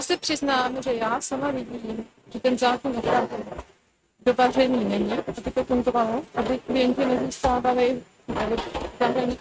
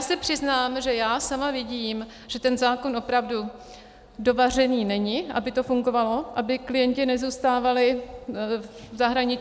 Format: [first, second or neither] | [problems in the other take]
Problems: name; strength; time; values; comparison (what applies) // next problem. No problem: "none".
second | noise reduction (neural mask model RNNoise)